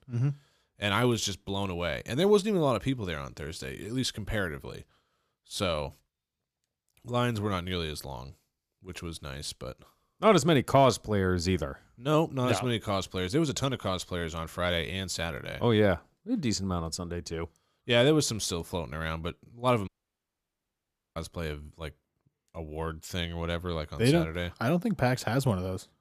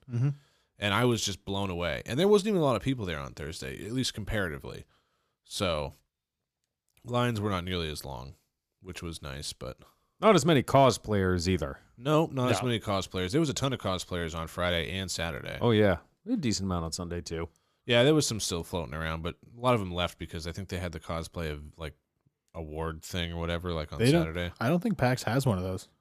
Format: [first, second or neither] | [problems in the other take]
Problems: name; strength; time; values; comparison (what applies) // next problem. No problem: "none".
second | audio cutting out; at 20 s for 1.5 s